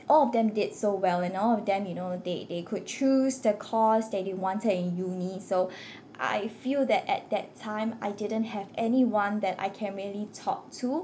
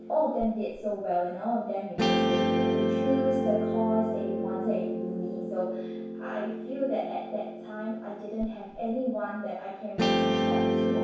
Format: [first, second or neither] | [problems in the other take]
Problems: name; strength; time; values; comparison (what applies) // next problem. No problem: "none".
first | background sound (Guitar); 2 dB above the speech // room echo; dies away in 0.7 s